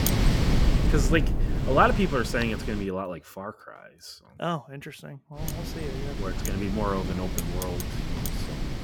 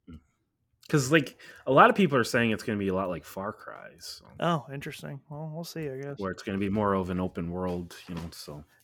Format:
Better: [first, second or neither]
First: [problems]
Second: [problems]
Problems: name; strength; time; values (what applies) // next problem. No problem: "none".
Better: second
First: wind noise on the microphone; heavy; until 3 s and from 5.5 s on; 7 dB below the speech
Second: none